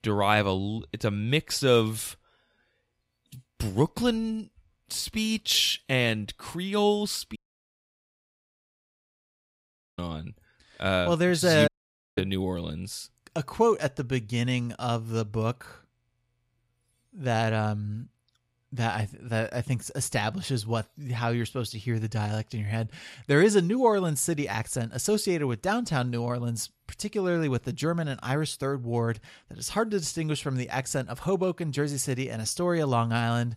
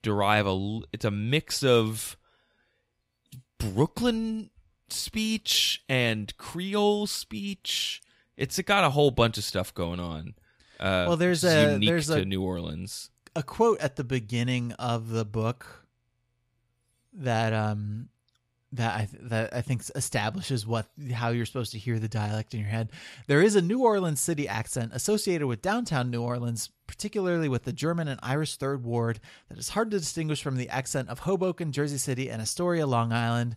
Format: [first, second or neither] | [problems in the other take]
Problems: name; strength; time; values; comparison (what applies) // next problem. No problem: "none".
second | audio cutting out; at 7.5 s for 2.5 s and at 12 s